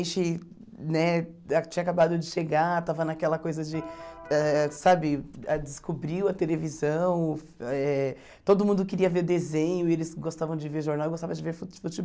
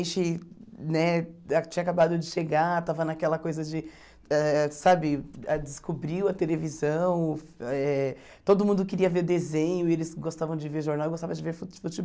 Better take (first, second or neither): second